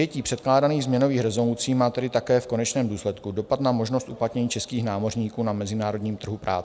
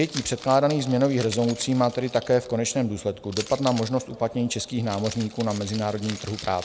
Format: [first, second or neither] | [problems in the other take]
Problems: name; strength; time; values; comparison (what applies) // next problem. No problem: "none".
first | background sound (Keys jangling); 16 dB below the speech